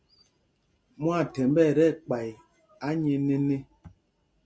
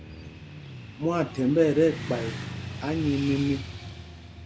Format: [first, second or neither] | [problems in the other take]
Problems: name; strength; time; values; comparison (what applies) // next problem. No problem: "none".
first | background sound (Motorcycle / Traffic noise, roadway noise); 10 dB below the speech